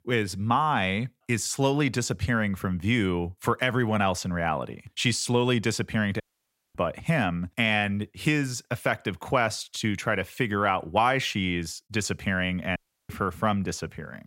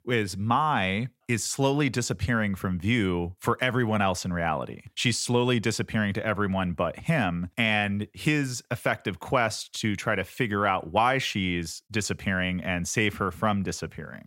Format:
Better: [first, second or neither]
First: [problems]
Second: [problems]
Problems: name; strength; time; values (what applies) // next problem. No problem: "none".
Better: second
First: audio cutting out; at 6 s for 0.5 s and at 13 s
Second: none